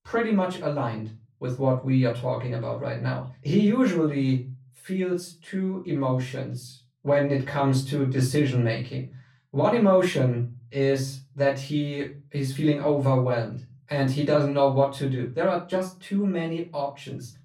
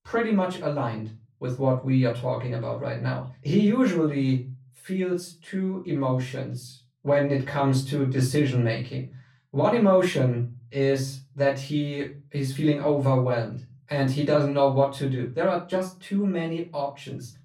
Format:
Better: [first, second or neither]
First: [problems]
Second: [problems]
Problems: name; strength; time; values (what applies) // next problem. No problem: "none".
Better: neither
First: off-mic speech; far // room echo; slight; dies away in 0.3 s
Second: off-mic speech; far // room echo; slight; dies away in 0.3 s